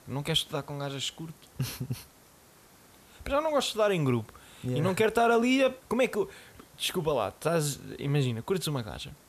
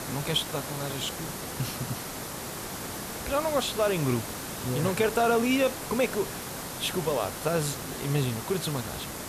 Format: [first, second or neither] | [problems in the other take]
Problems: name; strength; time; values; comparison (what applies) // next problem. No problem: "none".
first | hiss; loud; throughout; 6 dB below the speech; faint in the first